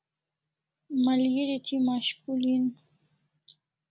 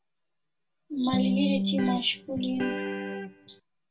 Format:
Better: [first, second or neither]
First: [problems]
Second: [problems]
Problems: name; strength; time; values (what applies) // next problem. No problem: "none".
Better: first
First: none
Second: background sound (Electric guitar); 2 dB above the speech // room echo; dies away in 0.2 s